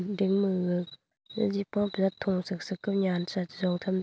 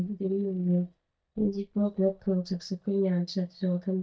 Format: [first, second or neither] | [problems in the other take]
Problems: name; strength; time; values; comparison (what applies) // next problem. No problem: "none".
first | noise reduction (neural mask model DeepFilterNet 3)